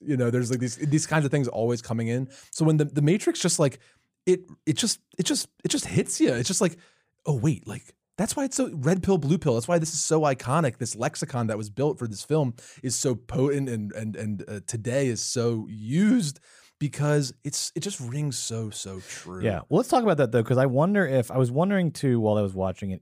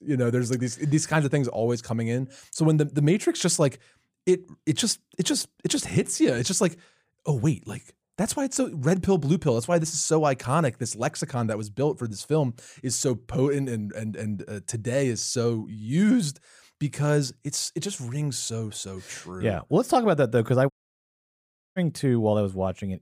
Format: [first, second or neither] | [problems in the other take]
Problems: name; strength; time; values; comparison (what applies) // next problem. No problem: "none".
first | audio cutting out; at 21 s for 1 s